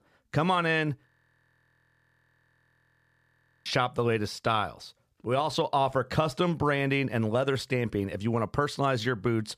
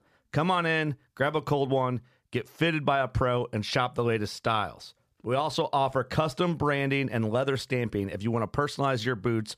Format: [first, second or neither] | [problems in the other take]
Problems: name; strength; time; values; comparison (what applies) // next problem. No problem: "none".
second | audio freezing; at 1 s for 2.5 s